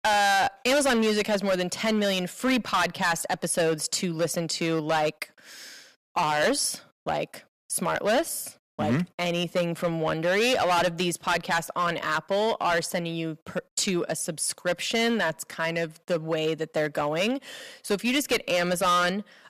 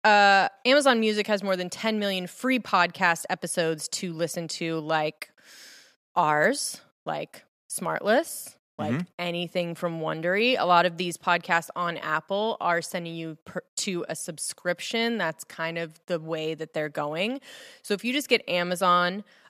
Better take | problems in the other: second | distortion; heavy; 10% of the sound clipped

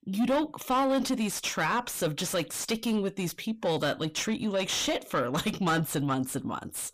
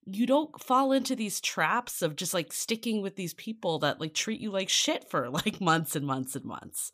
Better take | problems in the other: second | distortion; heavy; 7 dB below the speech

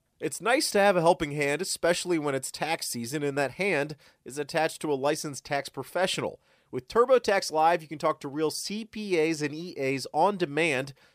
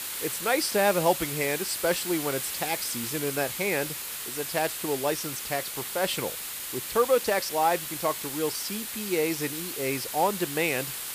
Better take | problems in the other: first | hiss; loud; throughout; 4 dB below the speech

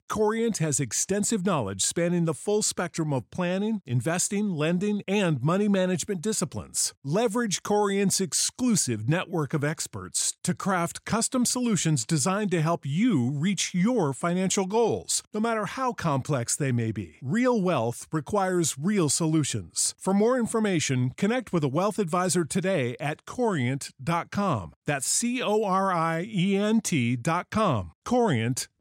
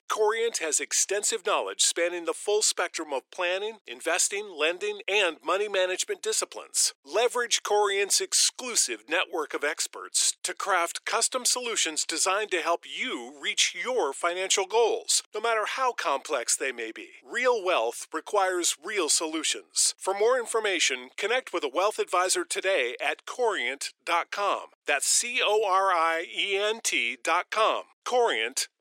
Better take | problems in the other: first | thin; very; fading below 350 Hz

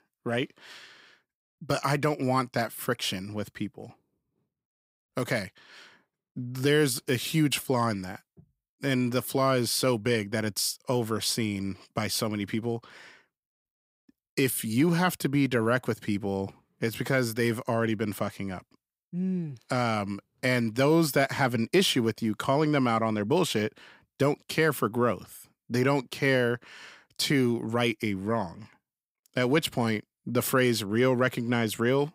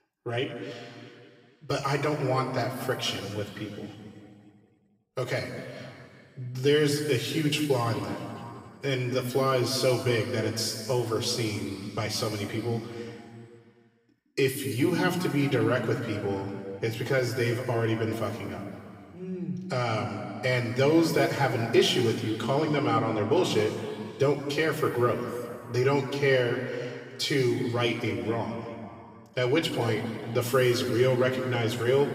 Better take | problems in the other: first | room echo; noticeable; dies away in 2.4 s // off-mic speech; far

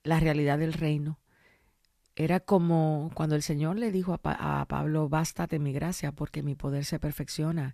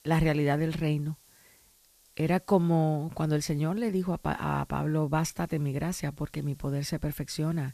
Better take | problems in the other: first | hiss; faint; throughout; 30 dB below the speech

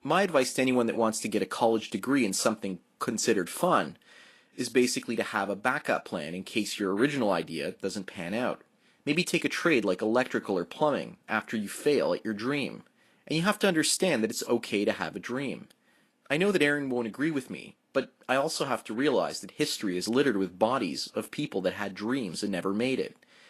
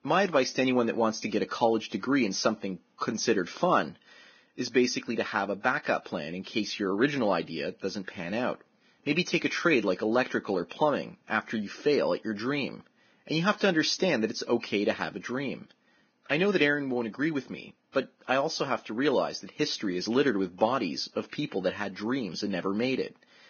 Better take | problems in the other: first | garbled, watery; badly; nothing above 6.5 kHz; slightly in the first

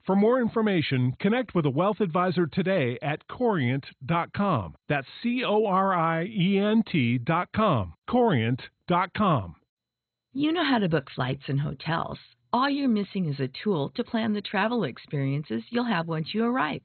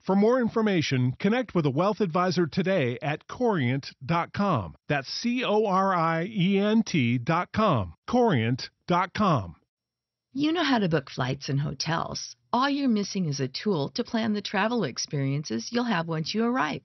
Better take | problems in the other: second | garbled, watery; badly; nothing above 4 kHz; slightly in the second

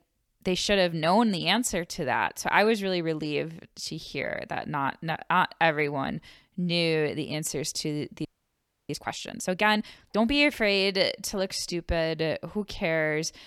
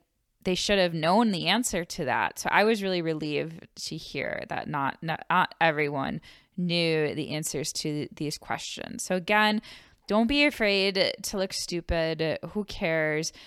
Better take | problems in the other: second | audio freezing; at 8.5 s for 0.5 s

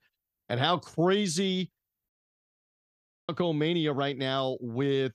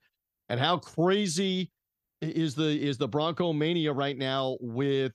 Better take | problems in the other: second | audio cutting out; at 2 s for 1 s

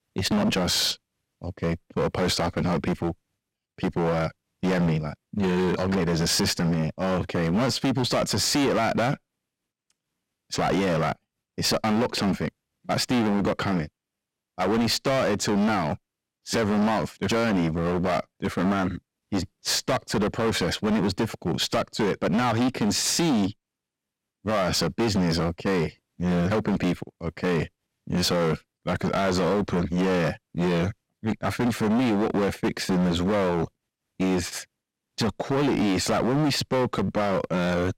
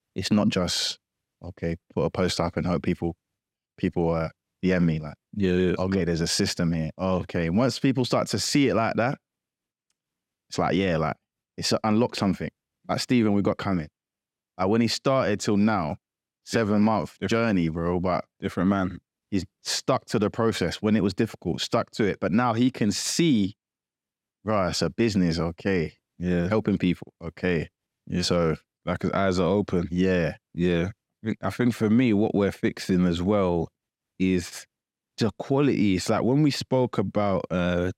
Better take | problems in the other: second | distortion; heavy; 21% of the sound clipped

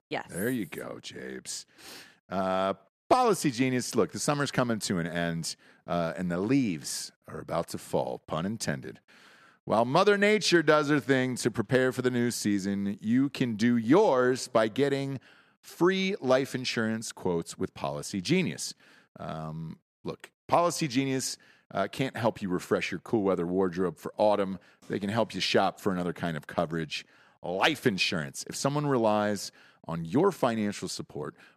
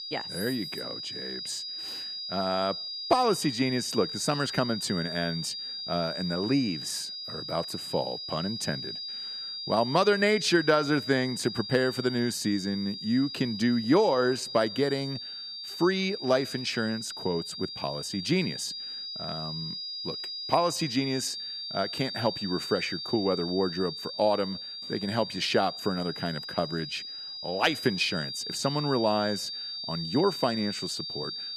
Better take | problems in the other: first | high-pitched whine; loud; throughout; 4.5 kHz, 6 dB below the speech

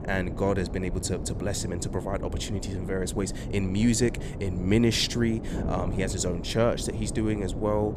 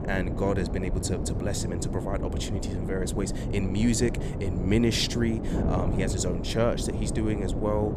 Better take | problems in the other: first | wind noise on the microphone; heavy; 6 dB below the speech; occasional gusts in the first

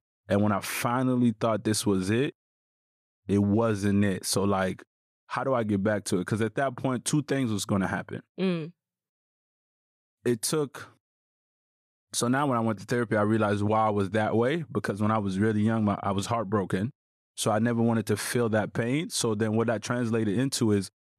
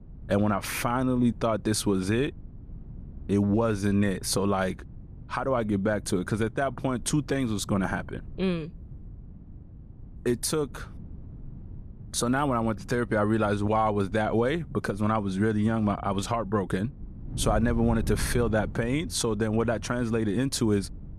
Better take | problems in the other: first | wind noise on the microphone; occasional gusts; 25 dB below the speech

